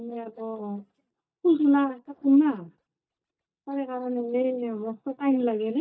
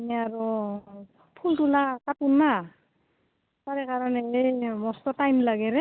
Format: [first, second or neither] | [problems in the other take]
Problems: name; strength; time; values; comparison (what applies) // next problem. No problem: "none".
second | noise reduction (neural mask model DeepFilterNet 3)